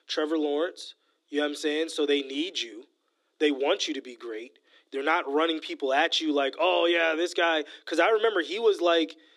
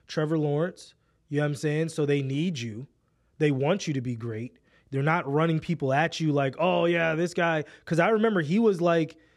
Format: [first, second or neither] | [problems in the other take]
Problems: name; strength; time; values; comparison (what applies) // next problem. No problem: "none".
second | thin; somewhat; fading below 300 Hz